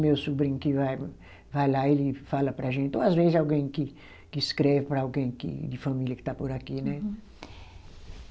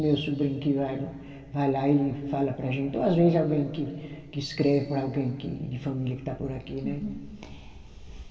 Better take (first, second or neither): first